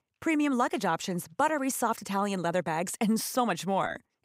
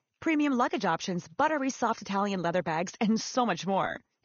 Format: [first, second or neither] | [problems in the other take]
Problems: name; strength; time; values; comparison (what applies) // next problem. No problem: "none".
first | garbled, watery; slightly; nothing above 6.5 kHz